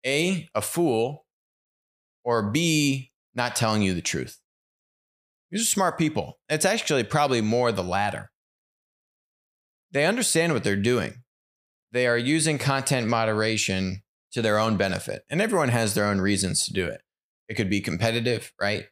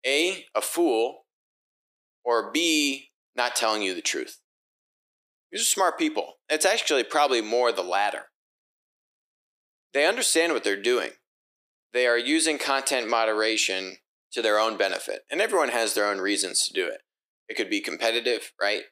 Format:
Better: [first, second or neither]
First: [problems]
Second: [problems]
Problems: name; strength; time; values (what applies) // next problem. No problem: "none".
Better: first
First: none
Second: thin; somewhat; fading below 300 Hz